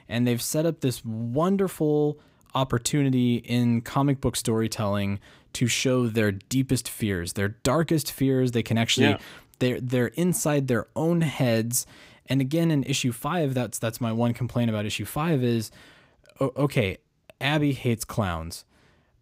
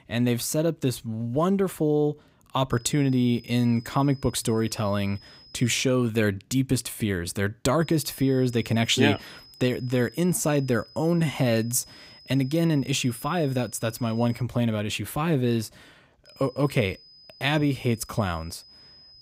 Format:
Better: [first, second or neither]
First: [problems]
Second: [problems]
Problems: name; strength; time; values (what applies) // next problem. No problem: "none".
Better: first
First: none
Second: high-pitched whine; faint; from 2.5 to 6 s, from 8 to 14 s and from 16 s on; 5 kHz, 25 dB below the speech